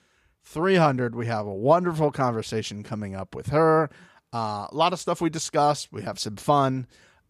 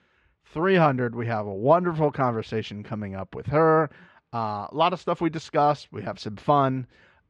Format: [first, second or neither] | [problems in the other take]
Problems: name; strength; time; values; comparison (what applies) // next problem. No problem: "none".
first | muffled; slightly; fading above 2.5 kHz